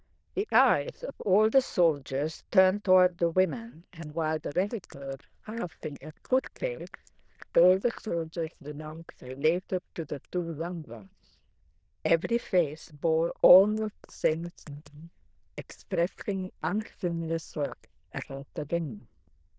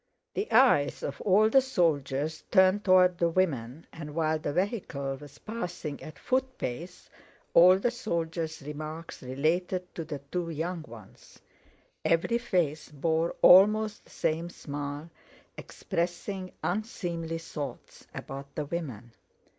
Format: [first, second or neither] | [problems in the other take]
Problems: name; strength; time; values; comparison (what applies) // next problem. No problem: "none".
second | noise reduction (neural diffusion model UNIVERSE++)